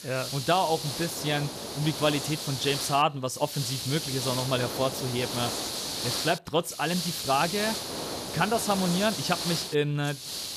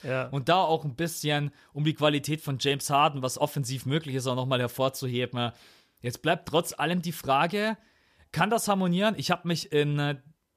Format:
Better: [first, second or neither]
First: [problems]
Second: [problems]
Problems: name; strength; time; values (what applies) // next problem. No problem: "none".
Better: second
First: hiss; loud; throughout; 4 dB below the speech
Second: none